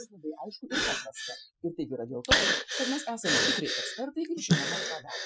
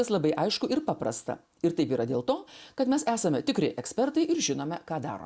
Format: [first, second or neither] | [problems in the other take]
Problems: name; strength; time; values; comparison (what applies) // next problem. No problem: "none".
second | noise reduction (classical method Wiener filter)